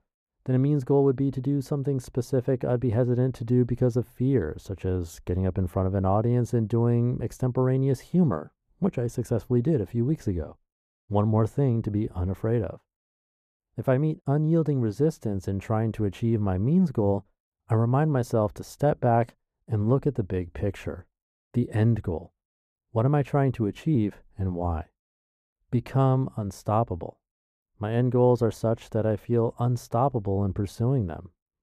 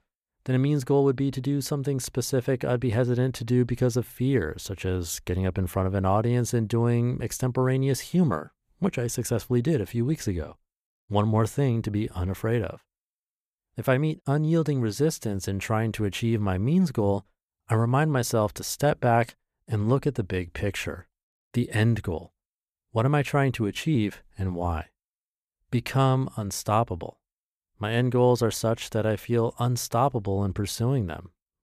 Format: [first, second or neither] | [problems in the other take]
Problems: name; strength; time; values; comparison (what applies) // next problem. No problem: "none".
second | muffled; slightly; fading above 1.5 kHz